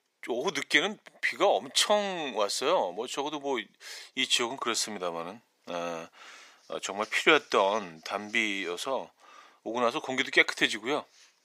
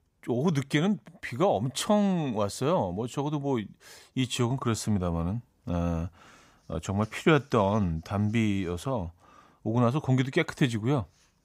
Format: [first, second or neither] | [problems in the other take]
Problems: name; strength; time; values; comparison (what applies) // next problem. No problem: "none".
second | thin; very; fading below 350 Hz